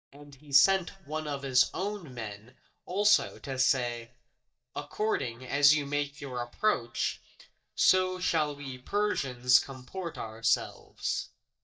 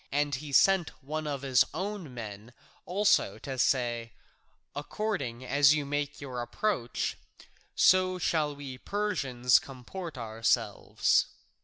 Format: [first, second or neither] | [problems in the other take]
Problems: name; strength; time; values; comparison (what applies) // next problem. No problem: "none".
second | noise reduction (neural mask model DeepFilterNet 3)